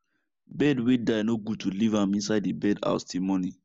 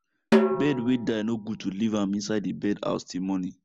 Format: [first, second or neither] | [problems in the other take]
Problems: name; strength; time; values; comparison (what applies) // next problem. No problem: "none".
first | background sound (Snare drum); 1 dB below the speech